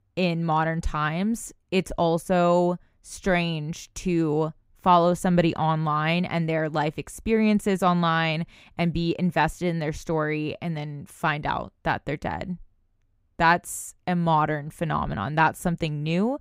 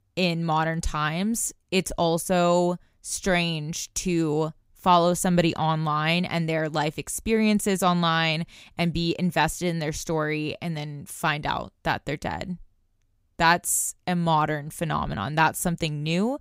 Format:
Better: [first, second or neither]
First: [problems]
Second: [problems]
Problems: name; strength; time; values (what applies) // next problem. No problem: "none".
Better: second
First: muffled; slightly; fading above 3.5 kHz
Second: none